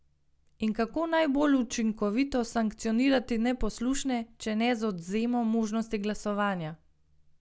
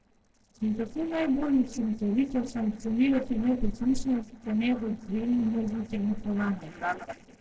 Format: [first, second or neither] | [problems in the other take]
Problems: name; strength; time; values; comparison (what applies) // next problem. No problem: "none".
first | noise reduction (neural separator model SepFormer DNS4)